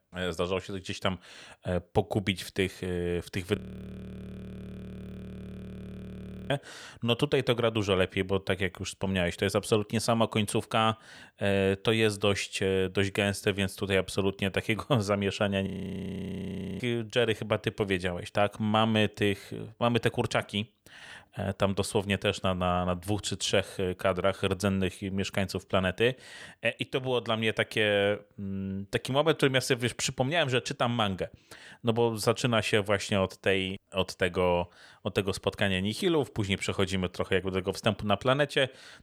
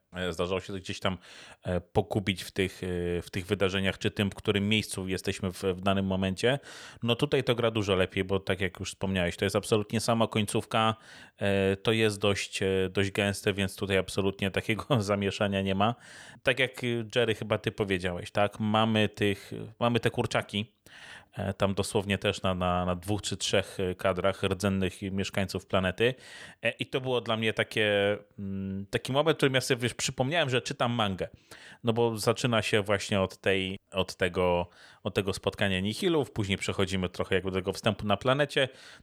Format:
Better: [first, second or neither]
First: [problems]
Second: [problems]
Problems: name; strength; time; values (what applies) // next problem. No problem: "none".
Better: second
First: audio freezing; at 3.5 s for 3 s and at 16 s for 1 s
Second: none